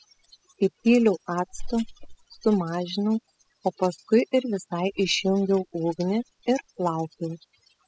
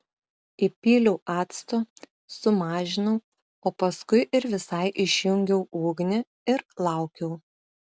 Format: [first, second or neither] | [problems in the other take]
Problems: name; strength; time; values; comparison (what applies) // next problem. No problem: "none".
second | noise reduction (classical method spectral subtraction)